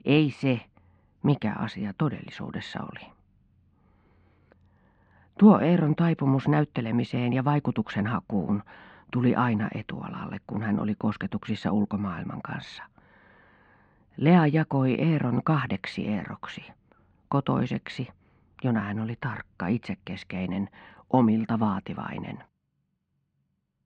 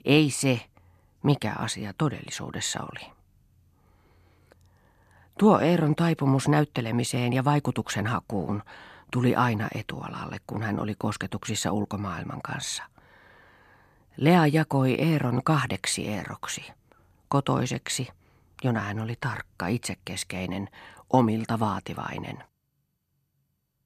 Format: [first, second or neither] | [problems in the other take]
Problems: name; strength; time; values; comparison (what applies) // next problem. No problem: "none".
second | muffled; slightly; fading above 3 kHz